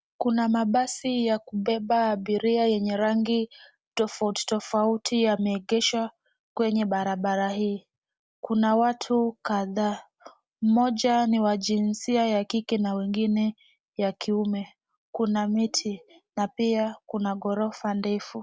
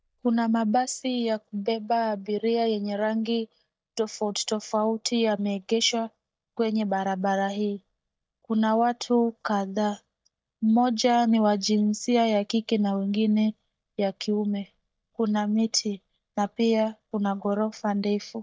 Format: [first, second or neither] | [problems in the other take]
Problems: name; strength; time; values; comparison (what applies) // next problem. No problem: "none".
first | noise reduction (neural mask model DeepFilterNet 3)